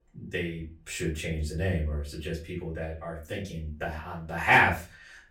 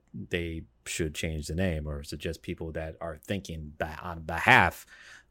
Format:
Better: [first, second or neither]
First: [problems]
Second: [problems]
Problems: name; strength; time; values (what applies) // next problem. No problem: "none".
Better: second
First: off-mic speech; far // room echo; slight; dies away in 0.3 s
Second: none